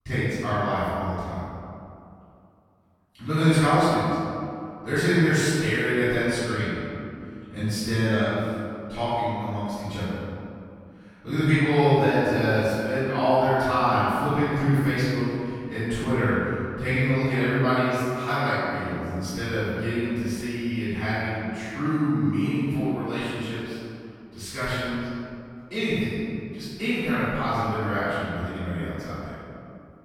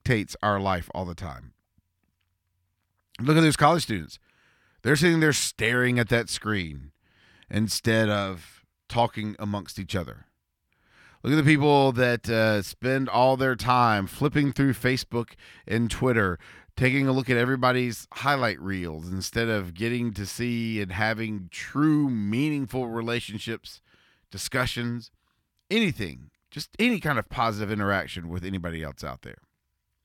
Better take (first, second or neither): second